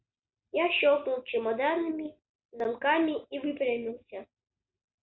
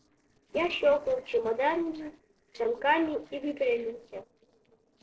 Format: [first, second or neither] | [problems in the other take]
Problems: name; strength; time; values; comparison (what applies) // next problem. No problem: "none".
first | noise reduction (neural separator model SepFormer DNS4)